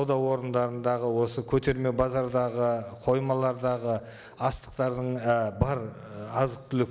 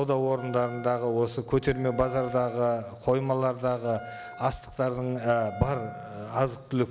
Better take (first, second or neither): first